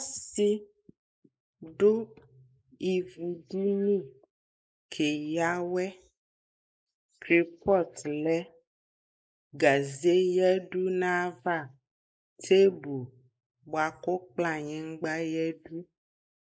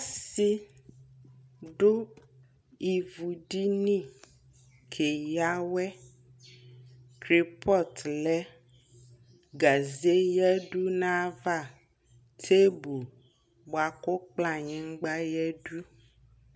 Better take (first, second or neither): second